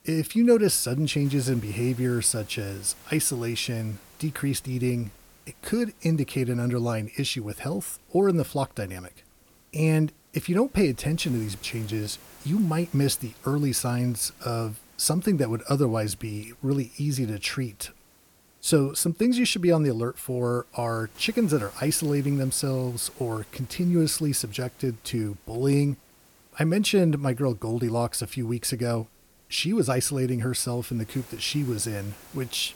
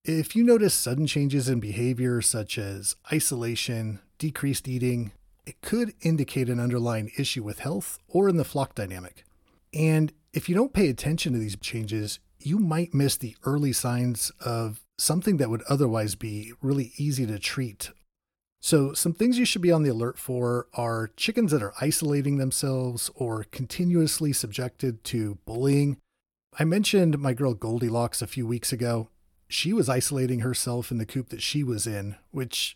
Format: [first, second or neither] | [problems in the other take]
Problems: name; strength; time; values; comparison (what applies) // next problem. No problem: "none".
second | hiss; faint; throughout; 25 dB below the speech